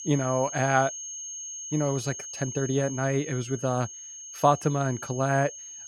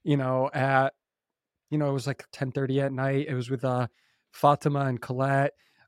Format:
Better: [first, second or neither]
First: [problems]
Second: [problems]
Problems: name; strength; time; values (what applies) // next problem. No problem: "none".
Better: second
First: high-pitched whine; loud; throughout; 6.5 kHz, 9 dB below the speech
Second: none